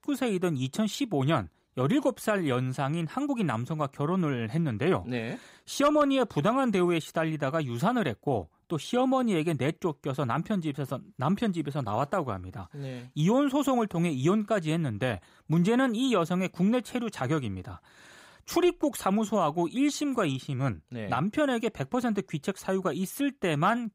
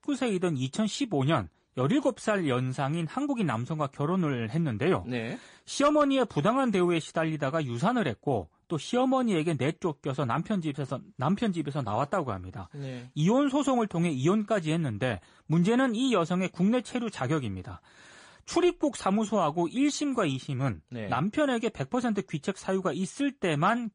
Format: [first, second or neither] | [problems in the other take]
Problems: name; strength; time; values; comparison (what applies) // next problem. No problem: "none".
first | garbled, watery; slightly; nothing above 10 kHz